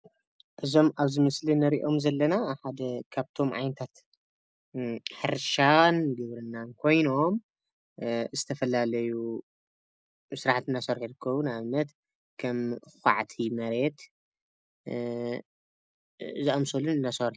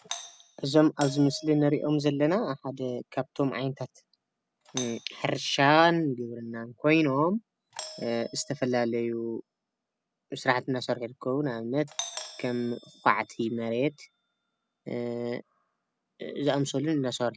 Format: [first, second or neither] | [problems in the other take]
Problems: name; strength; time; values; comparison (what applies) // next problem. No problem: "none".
first | background sound (Doorbell); 19 dB below the speech